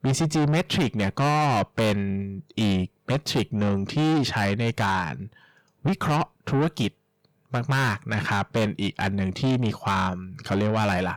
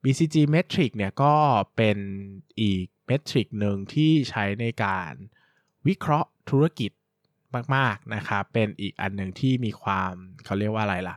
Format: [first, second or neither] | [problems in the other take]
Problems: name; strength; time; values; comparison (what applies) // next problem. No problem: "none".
second | distortion; heavy; 6 dB below the speech